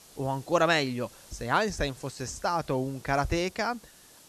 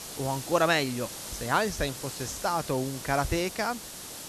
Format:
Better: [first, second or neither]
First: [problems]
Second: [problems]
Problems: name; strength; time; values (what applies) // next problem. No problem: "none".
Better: first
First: hiss; faint; throughout; 20 dB below the speech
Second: hiss; loud; throughout; 9 dB below the speech